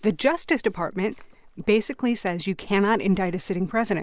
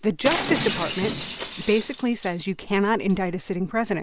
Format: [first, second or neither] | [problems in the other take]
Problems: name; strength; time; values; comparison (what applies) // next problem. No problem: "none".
first | background sound (Shatter); 8 dB below the speech